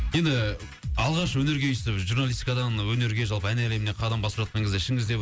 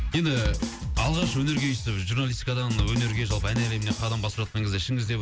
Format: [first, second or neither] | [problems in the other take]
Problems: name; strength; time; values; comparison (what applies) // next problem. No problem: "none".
first | background sound (Drum kit); 6 dB below the speech